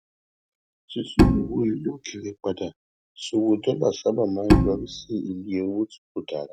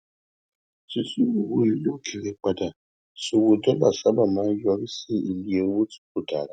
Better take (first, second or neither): second